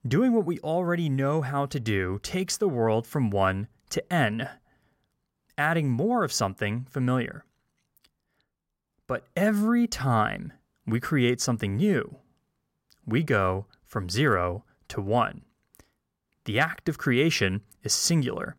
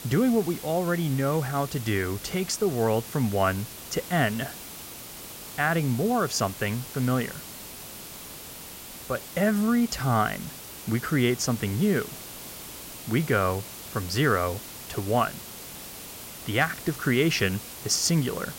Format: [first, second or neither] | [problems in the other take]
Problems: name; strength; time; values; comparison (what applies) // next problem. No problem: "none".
first | hiss; noticeable; throughout; 10 dB below the speech